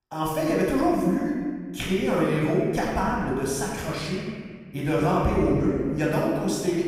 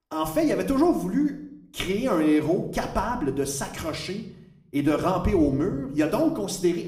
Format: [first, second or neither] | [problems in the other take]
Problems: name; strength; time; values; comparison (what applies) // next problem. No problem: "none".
second | room echo; strong; dies away in 1.6 s; slight in the second // off-mic speech; far